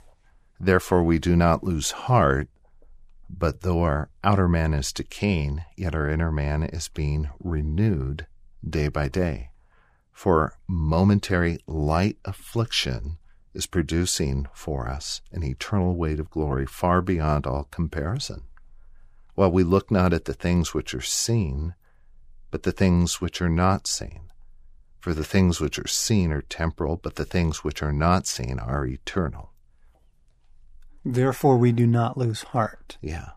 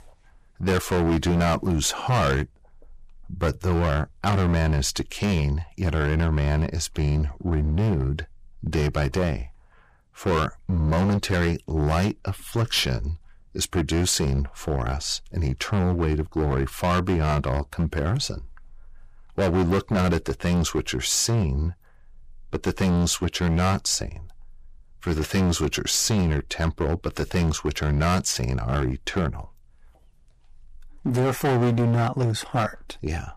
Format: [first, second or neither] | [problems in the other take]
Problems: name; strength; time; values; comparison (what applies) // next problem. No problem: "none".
first | distortion; heavy; 14% of the sound clipped